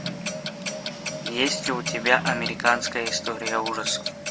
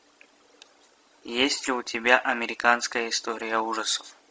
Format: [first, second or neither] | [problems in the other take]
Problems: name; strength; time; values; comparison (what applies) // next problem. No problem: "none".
second | background sound (Clock); 4 dB below the speech